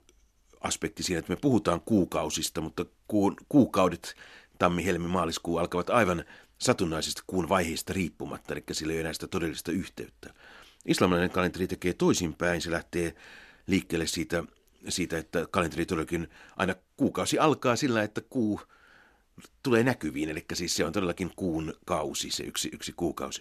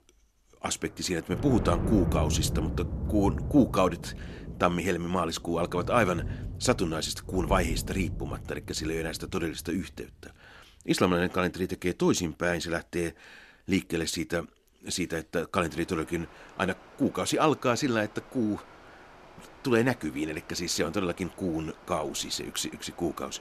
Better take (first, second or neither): first